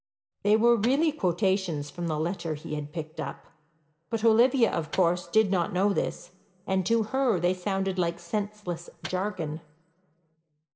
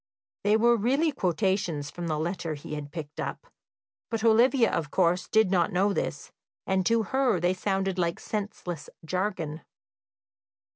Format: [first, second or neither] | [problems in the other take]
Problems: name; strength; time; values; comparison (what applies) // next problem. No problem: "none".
second | background sound (Microwave oven); 19 dB below the speech // room echo; dies away in 0.9 s